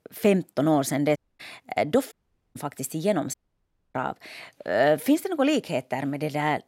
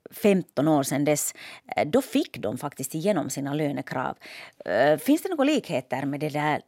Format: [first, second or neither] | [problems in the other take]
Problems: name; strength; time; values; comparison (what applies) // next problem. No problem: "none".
second | audio cutting out; at 1 s, at 2 s and at 3.5 s for 0.5 s